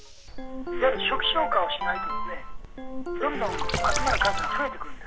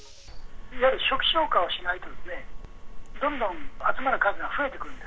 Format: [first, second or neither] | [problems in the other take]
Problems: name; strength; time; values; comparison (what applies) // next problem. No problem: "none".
second | background sound (Ringtone + Water / Splash, splatter); 4 dB below the speech